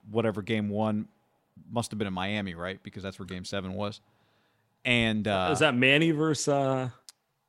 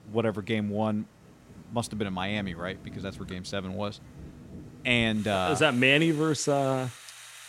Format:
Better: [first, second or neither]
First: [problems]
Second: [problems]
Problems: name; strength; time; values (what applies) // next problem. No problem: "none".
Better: first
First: none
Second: rain or running water; noticeable; throughout; 20 dB below the speech